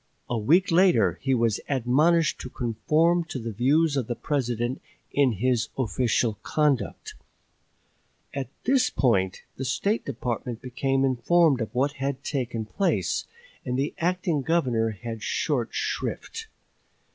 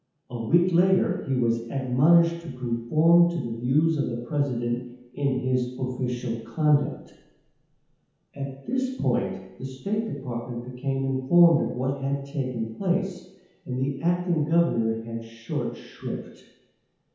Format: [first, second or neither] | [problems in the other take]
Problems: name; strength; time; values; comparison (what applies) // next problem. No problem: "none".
first | room echo; dies away in 0.9 s